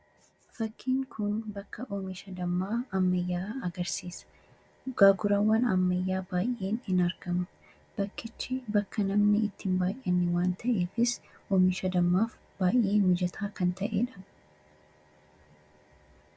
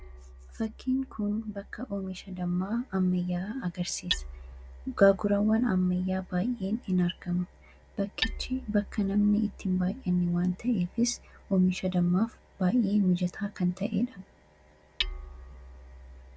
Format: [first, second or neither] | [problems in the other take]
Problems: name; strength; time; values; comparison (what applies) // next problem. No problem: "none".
first | background sound (Hammer); 14 dB below the speech